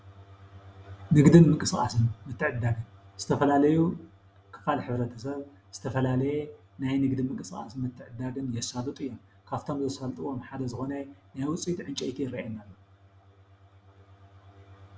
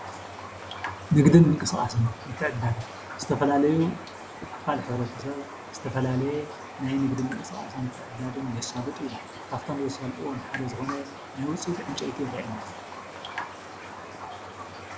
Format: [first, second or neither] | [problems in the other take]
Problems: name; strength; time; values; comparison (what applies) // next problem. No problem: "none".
first | background sound (Raindrop); 12 dB below the speech